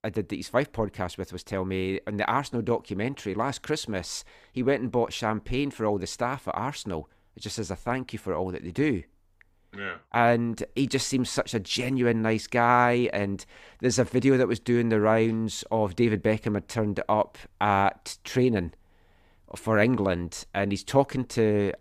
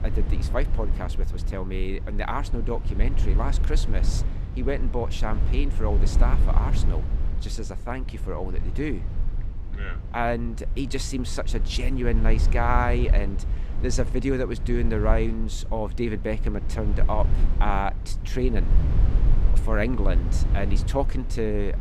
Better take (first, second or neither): first